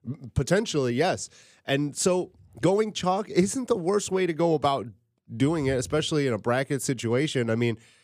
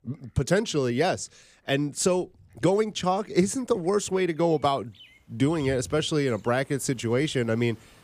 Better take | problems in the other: first | animal sounds; faint; throughout; 30 dB below the speech

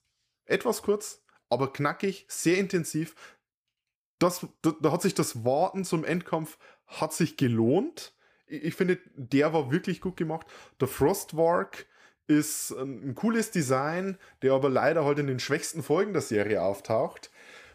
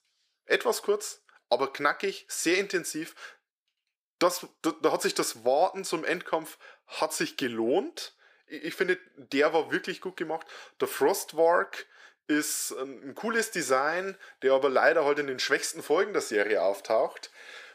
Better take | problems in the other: first | thin; somewhat; fading below 450 Hz

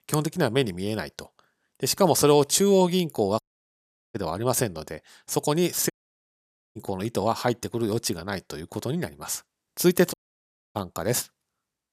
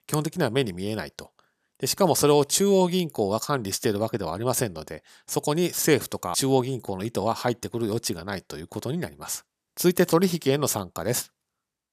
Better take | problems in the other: second | audio cutting out; at 3.5 s for 0.5 s, at 6 s for 1 s and at 10 s for 0.5 s

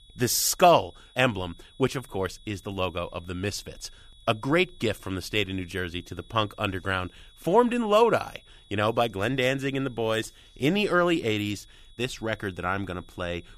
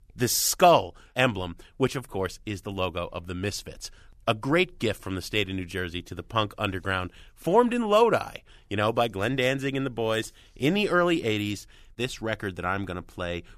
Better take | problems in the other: second | high-pitched whine; faint; throughout; 3.5 kHz, 30 dB below the speech

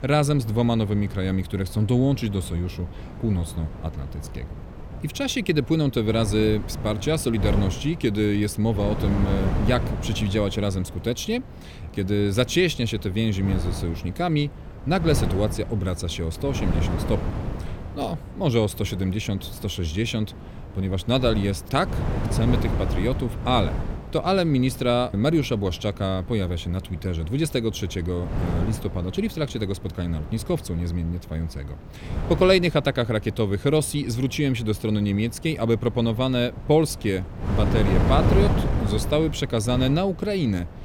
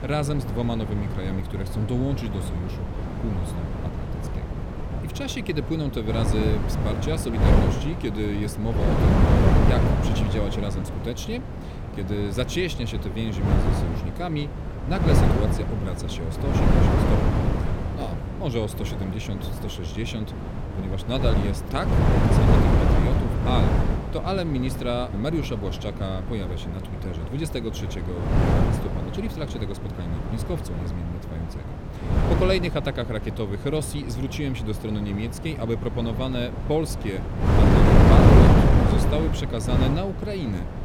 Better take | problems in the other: first | wind noise on the microphone; heavy; 1 dB above the speech; occasional gusts in the first

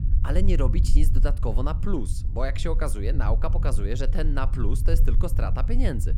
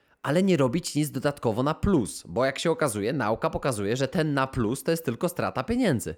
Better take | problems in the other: second | low rumble; noticeable; throughout; 10 dB below the speech

